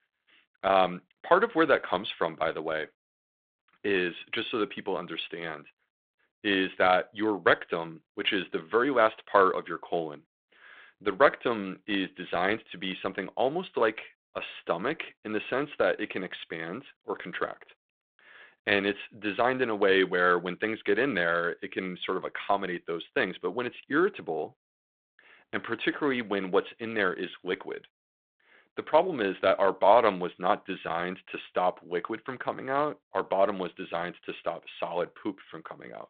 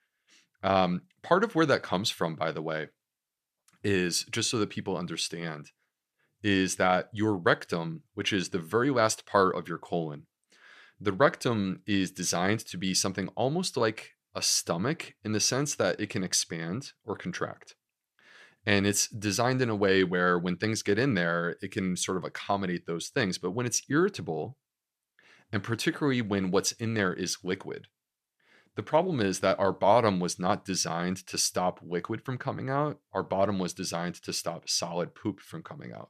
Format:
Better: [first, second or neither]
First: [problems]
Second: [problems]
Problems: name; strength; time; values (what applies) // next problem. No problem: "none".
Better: second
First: phone-call audio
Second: none